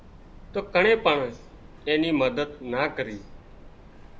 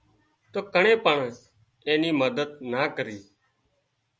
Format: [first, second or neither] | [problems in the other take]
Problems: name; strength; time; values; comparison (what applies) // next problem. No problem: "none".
second | background sound (Train); 19 dB below the speech // room echo; dies away in 0.9 s